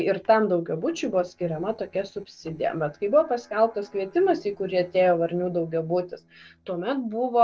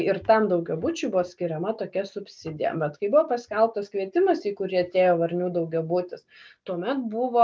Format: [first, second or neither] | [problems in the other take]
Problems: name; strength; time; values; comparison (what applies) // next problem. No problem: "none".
second | noise reduction (neural separator model SepFormer DNS4)